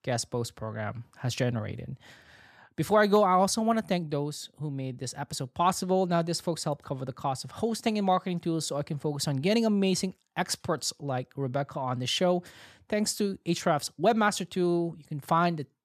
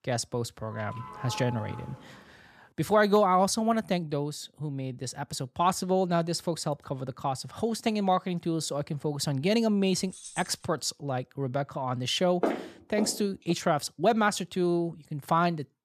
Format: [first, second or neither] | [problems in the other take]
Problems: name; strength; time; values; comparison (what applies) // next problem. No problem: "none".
first | doorbell; faint; from 0.5 to 2.5 s; peak 10 dB below the speech // jangling keys; faint; at 10 s; peak 15 dB below the speech // footsteps; noticeable; from 12 to 14 s; peak 2 dB below the speech